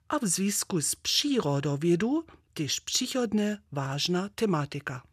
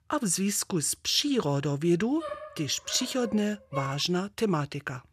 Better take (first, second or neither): first